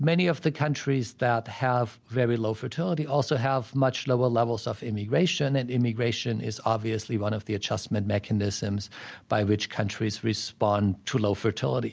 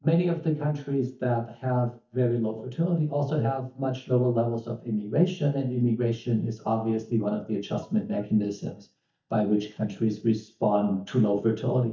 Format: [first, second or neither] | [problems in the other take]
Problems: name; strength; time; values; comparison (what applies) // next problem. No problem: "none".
first | noise reduction (neural mask model DeepFilterNet 3)